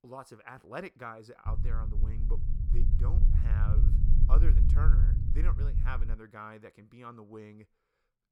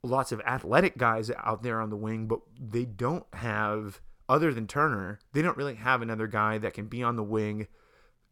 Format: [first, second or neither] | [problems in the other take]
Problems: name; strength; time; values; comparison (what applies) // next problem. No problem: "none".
second | low rumble; loud; from 1.5 to 6 s; 3 dB below the speech